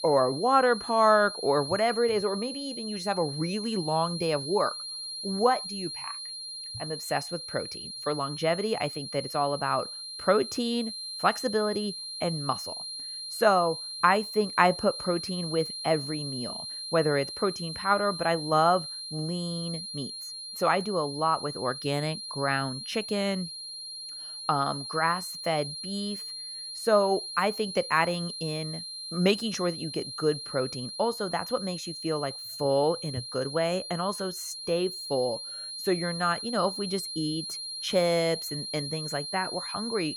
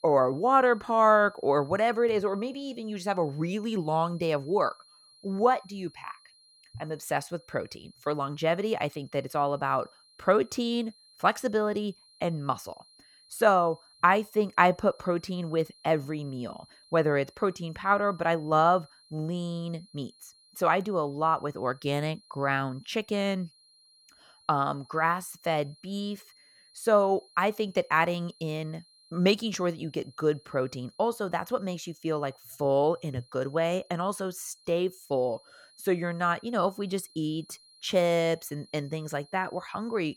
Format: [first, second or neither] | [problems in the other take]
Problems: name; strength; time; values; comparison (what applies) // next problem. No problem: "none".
second | high-pitched whine; loud; throughout; 4 kHz, 7 dB below the speech; faint in the second